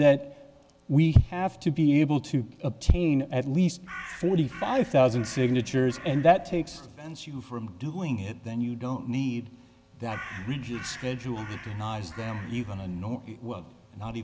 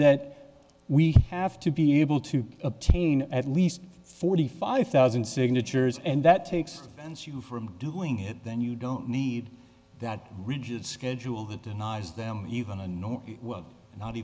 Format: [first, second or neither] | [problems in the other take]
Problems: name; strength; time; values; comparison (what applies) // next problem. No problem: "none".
second | background sound (Crow); 17 dB below the speech